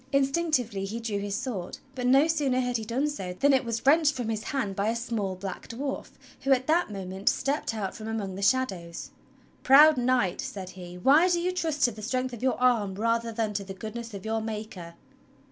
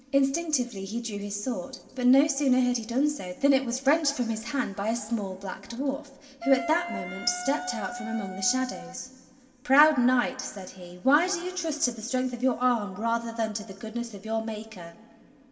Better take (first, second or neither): first